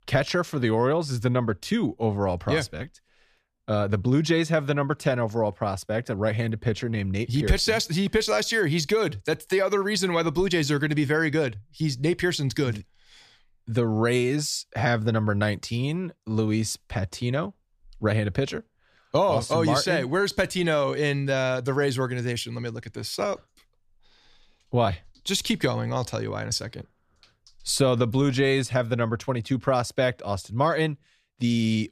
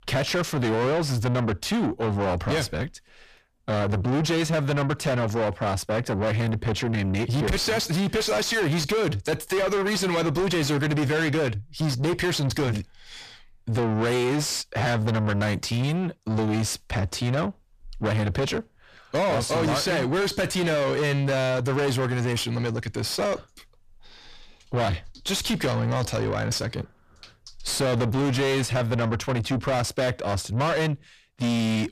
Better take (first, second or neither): first